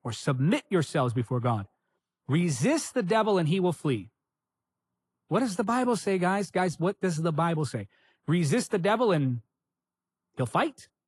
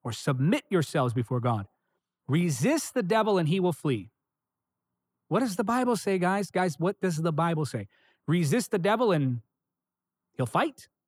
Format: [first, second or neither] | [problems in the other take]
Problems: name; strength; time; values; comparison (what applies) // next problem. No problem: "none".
second | garbled, watery; slightly; nothing above 11 kHz